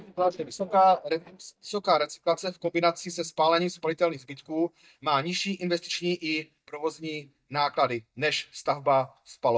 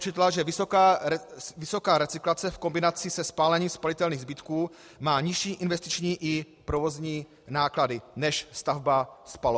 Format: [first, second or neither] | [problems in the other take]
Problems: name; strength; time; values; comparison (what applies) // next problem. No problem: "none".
second | noise reduction (neural mask model DeepFilterNet 3)